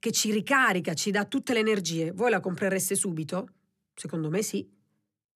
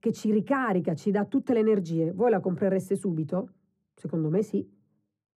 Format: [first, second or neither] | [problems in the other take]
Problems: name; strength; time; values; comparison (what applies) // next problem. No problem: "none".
first | muffled; very; fading above 1.5 kHz